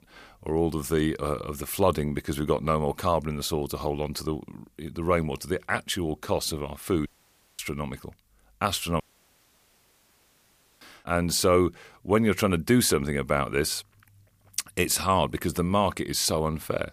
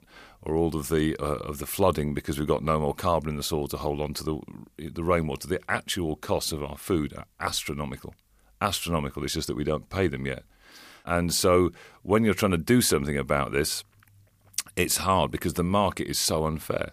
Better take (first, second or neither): second